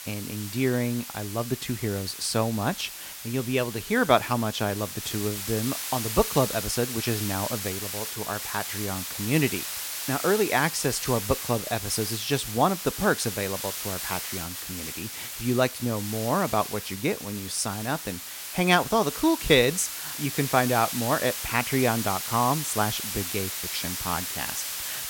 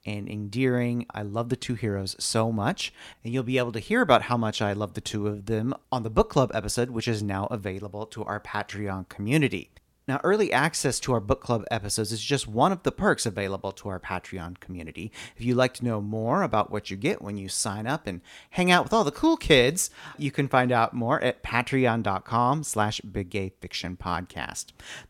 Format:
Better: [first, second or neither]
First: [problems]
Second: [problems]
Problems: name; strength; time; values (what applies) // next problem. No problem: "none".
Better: second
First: hiss; loud; throughout; 5 dB below the speech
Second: none